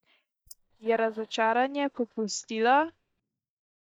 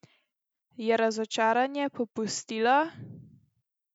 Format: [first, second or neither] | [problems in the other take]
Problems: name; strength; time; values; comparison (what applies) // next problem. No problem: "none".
second | noise reduction (neural mask model DeepFilterNet 3)